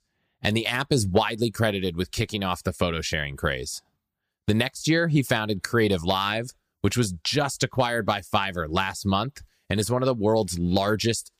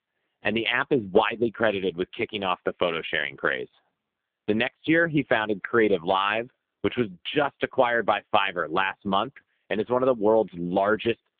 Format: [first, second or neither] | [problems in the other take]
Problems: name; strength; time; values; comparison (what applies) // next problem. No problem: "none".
first | phone-call audio; poor line